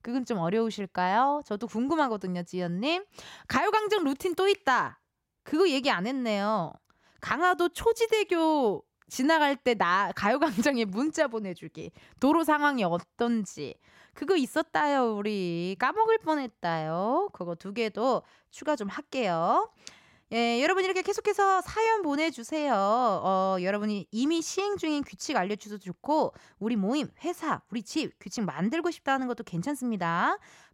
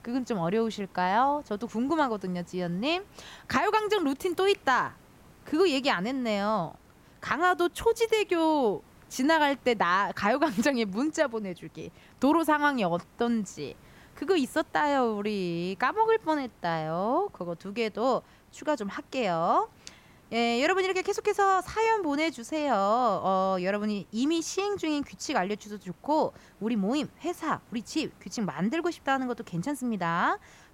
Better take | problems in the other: first | hiss; faint; throughout; 30 dB below the speech

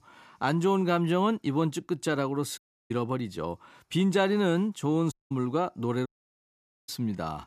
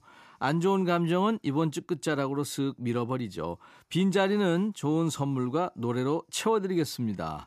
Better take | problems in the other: second | audio cutting out; at 2.5 s, at 5 s and at 6 s for 1 s

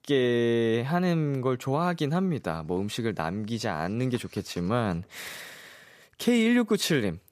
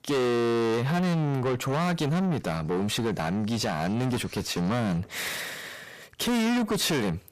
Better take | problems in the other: first | distortion; heavy; 5 dB below the speech

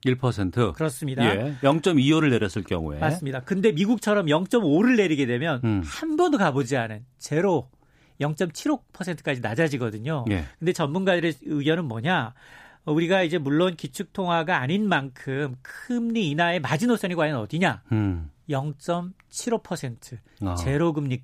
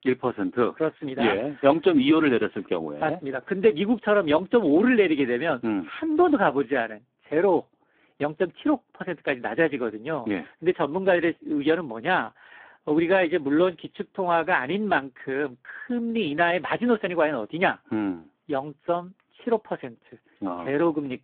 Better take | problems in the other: first | phone-call audio; poor line

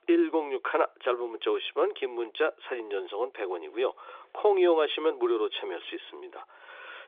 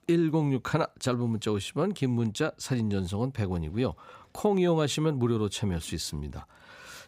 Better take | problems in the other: second | phone-call audio; nothing above 3.5 kHz

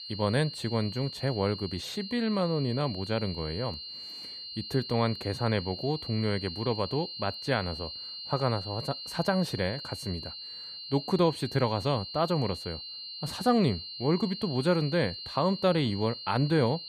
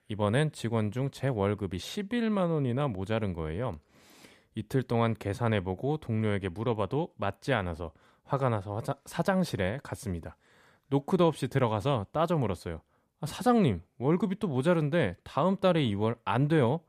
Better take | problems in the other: second | high-pitched whine; loud; throughout; 4 kHz, 9 dB below the speech

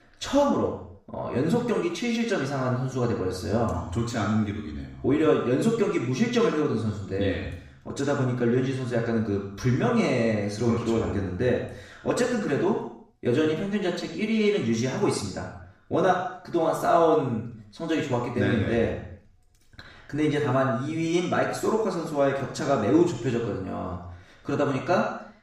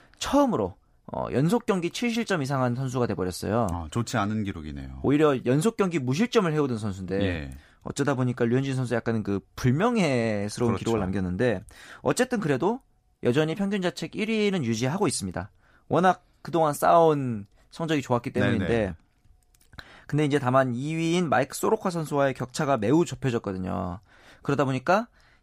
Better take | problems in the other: second | room echo; noticeable; dies away in 0.7 s // off-mic speech; far

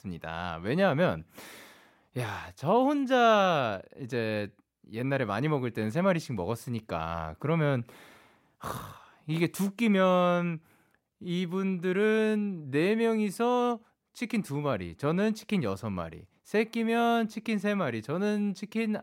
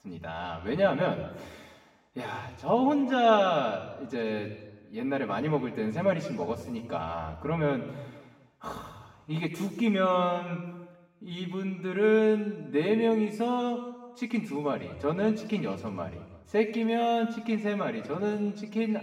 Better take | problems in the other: first | room echo; slight; dies away in 1.3 s // off-mic speech; far

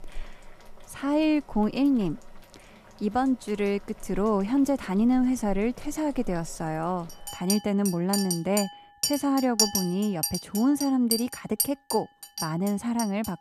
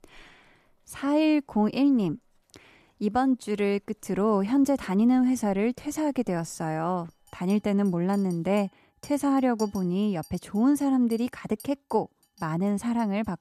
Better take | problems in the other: second | household noises; loud; throughout; 4 dB below the speech; faint in the second

